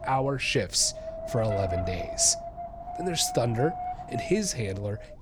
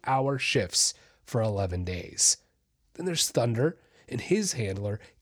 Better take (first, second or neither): second